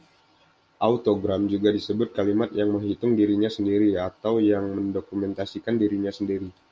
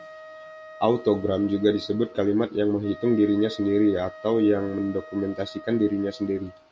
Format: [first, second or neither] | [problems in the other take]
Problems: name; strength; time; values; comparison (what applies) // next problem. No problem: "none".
first | background sound (Wind instrument, woodwind instrument); 20 dB below the speech